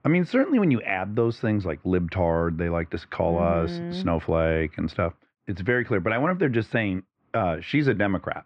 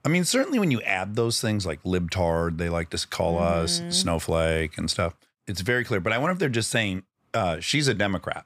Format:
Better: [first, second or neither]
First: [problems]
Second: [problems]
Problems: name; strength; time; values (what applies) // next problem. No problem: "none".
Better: second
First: muffled; very; fading above 2.5 kHz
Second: none